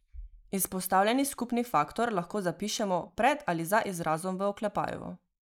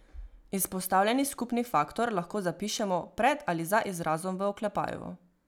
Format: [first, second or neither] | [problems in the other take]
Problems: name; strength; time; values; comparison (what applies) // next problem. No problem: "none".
second | noise reduction (neural mask model Resemble Enhance denoiser)